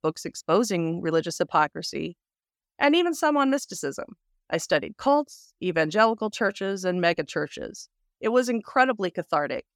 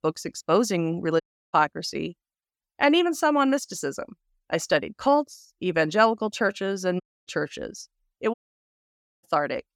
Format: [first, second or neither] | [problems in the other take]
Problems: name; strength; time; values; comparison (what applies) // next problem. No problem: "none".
first | audio cutting out; at 1 s, at 7 s and at 8.5 s for 1 s